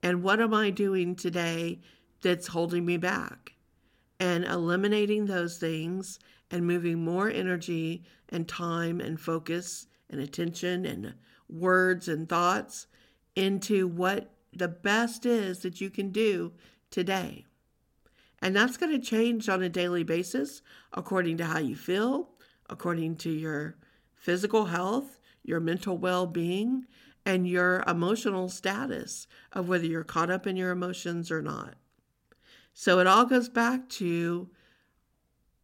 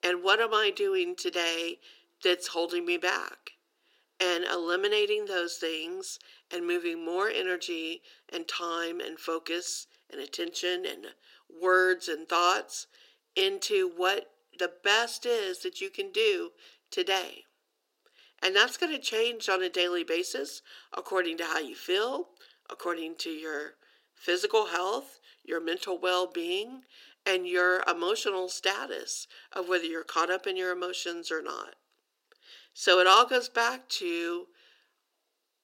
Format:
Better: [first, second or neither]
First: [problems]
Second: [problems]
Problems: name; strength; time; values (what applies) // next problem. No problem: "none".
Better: first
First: none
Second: thin; very; fading below 350 Hz